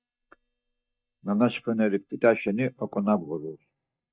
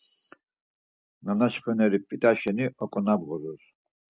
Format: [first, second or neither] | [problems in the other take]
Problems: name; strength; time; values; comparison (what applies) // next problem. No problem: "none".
second | noise reduction (neural mask model DeepFilterNet 3)